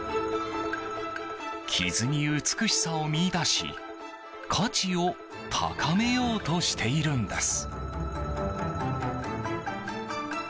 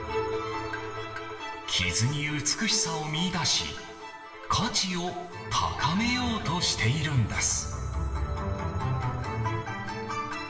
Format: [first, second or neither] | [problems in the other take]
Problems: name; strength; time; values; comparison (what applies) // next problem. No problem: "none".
first | room echo; dies away in 1.1 s